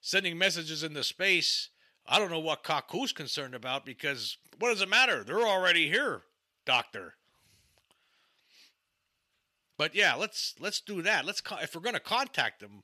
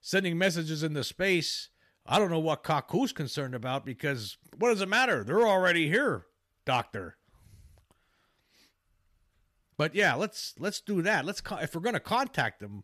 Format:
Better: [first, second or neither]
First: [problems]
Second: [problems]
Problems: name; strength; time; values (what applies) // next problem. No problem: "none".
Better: second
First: thin; very slightly; fading below 450 Hz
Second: none